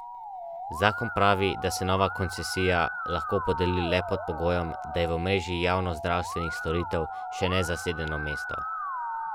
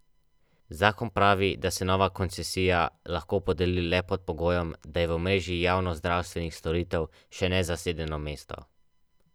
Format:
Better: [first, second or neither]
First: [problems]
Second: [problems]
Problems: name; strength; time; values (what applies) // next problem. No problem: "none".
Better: second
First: background sound (Musical instrument); 6 dB below the speech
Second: none